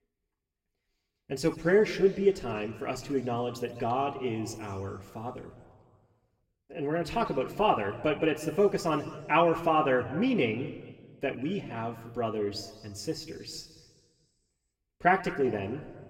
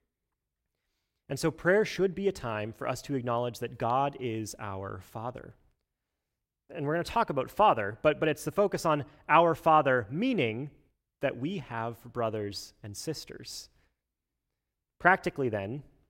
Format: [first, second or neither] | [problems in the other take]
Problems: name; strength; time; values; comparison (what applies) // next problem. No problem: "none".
second | room echo; slight; dies away in 1.4 s // off-mic speech; somewhat distant